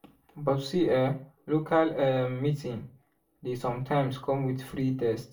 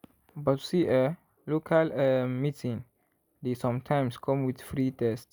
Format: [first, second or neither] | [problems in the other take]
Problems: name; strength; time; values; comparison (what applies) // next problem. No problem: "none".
second | room echo; dies away in 0.2 s